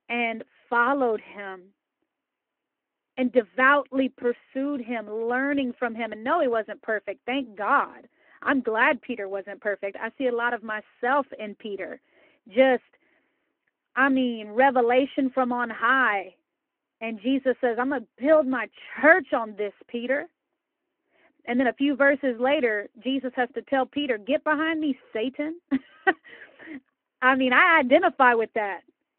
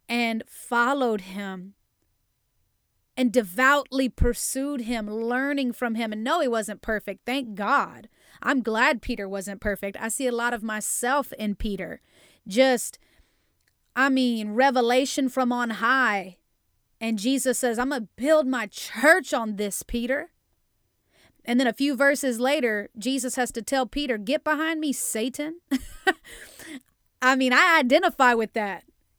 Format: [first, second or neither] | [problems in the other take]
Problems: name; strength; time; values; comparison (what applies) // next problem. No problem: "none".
second | phone-call audio